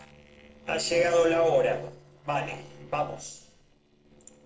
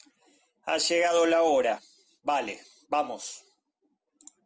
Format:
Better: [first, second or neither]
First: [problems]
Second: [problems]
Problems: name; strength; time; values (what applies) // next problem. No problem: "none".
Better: second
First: noise reduction (neural separator model SepFormer DNS4)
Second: none